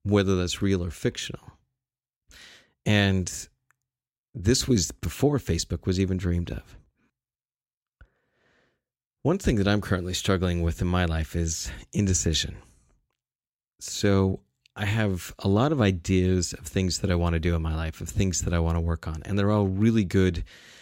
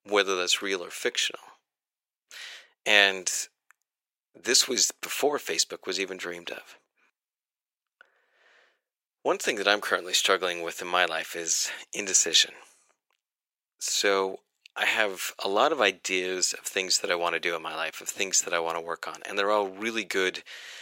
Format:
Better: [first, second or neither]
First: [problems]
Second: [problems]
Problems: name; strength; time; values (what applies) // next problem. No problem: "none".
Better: first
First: none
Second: thin; very; fading below 500 Hz